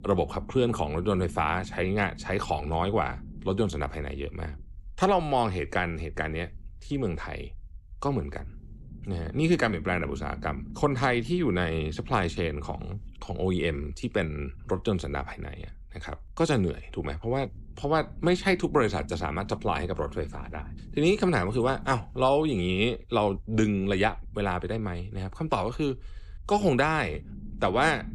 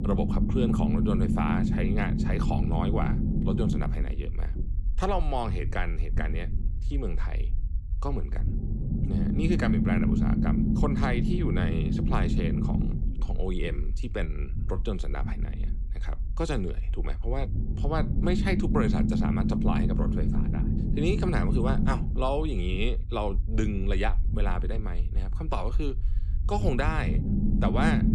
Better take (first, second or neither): first